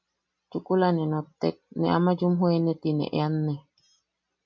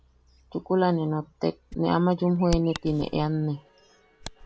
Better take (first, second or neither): first